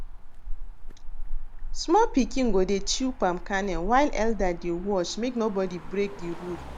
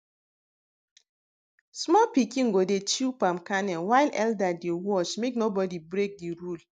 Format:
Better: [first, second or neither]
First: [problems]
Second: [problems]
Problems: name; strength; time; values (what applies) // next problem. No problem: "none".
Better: second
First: background sound (Motor vehicle (road)); 3 dB below the speech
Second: none